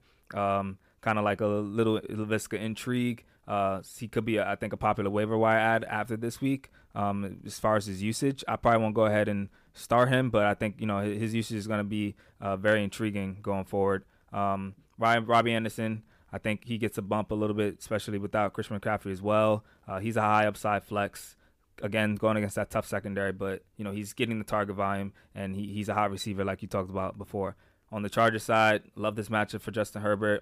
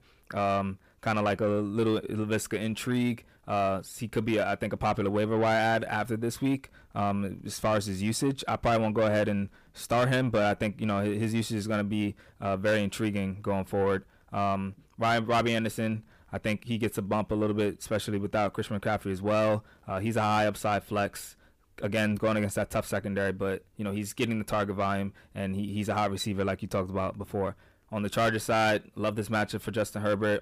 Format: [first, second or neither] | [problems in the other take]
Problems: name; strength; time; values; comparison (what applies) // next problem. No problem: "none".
first | distortion; slight; 10 dB below the speech